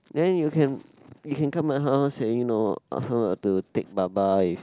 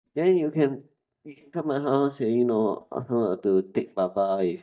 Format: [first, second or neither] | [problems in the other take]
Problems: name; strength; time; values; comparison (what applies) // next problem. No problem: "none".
first | noise reduction (neural mask model DeepFilterNet 3)